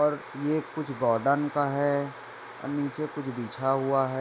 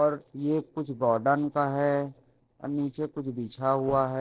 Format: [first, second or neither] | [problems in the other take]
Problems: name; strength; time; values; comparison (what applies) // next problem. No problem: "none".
first | noise reduction (neural separator model SepFormer DNS4)